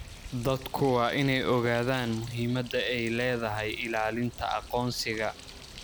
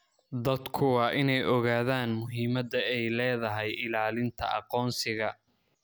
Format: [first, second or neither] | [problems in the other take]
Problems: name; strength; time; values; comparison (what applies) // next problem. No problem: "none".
second | background sound (Bird); 16 dB below the speech